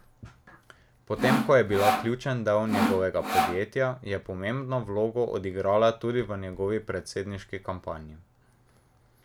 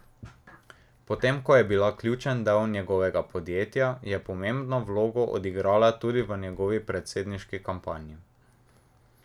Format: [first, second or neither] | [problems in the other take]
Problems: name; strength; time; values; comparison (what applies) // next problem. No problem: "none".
second | background sound (Sawing); 1 dB above the speech